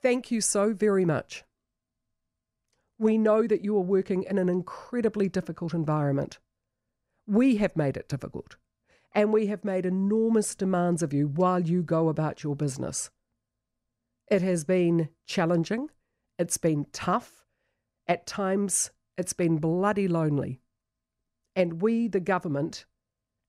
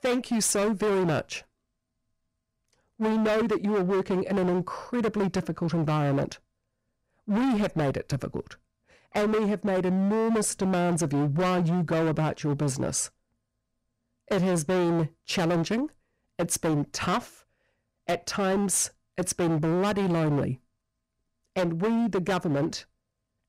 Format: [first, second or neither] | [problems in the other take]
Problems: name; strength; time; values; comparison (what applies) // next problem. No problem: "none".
first | distortion; heavy; 21% of the sound clipped